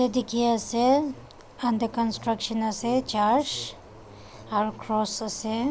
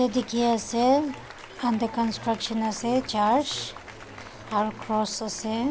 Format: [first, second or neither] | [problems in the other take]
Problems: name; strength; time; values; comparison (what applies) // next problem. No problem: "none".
first | background sound (Applause); 19 dB below the speech